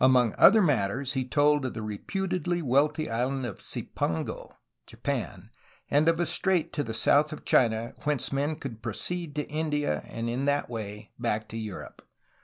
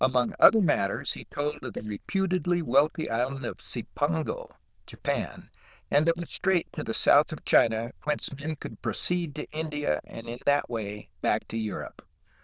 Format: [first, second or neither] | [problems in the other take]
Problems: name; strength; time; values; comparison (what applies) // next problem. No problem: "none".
first | noise reduction (neural diffusion model UNIVERSE++)